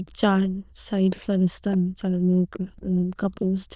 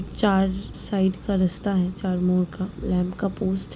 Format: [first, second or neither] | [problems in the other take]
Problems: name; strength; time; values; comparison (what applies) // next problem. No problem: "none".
second | noise reduction (neural diffusion model UNIVERSE++)